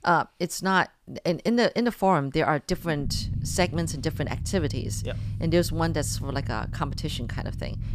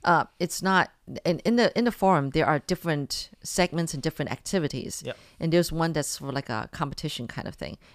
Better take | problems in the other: second | low rumble; noticeable; from 2.5 s on; 20 dB below the speech

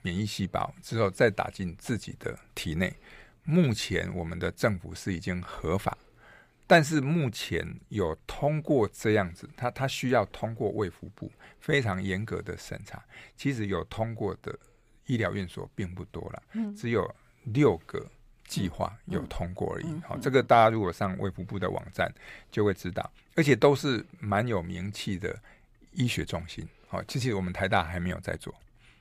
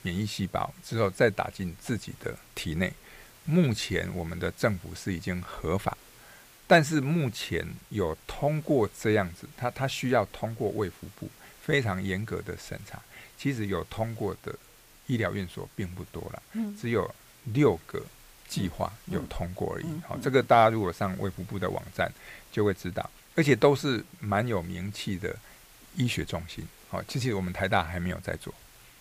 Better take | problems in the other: first | hiss; faint; throughout; 25 dB below the speech

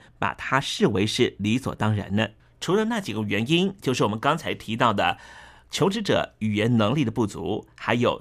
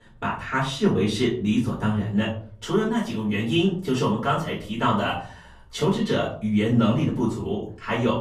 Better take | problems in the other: first | off-mic speech; far // room echo; slight; dies away in 0.5 s

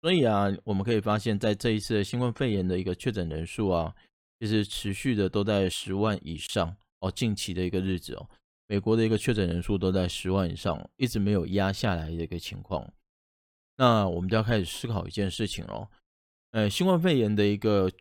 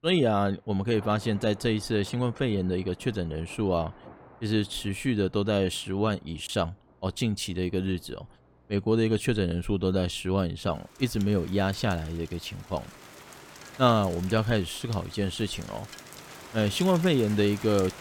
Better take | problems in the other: first | rain or running water; noticeable; throughout; 20 dB below the speech

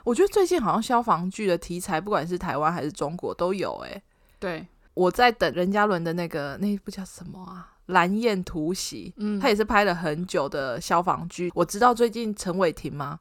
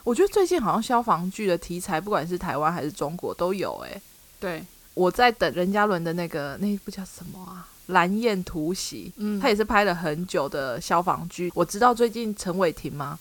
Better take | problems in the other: first | hiss; faint; throughout; 25 dB below the speech

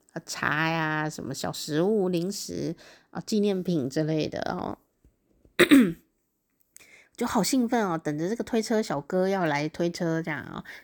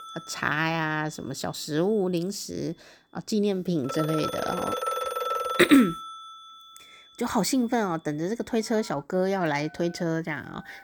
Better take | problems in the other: first | alarms or sirens; loud; throughout; 5 dB below the speech

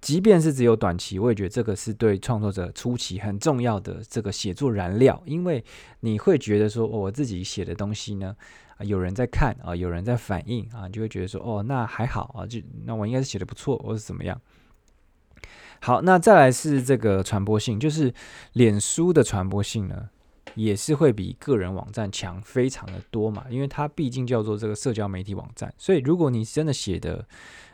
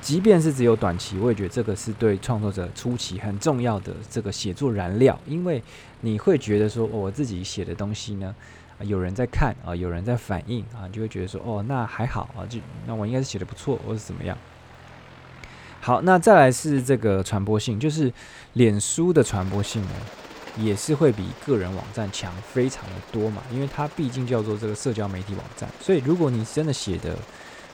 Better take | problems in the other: first | train or aircraft noise; faint; throughout; 20 dB below the speech

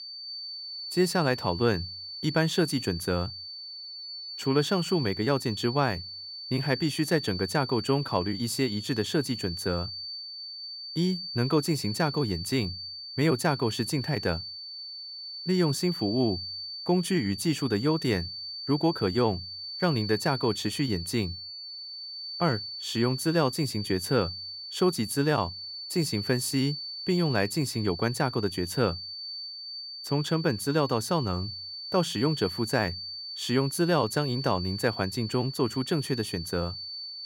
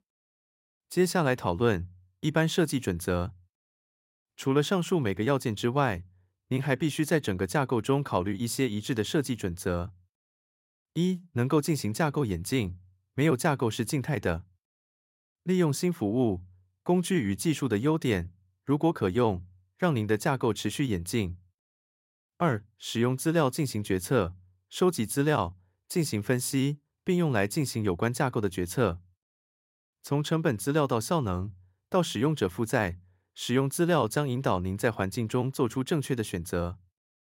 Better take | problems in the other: second | high-pitched whine; loud; throughout; 4.5 kHz, 8 dB below the speech

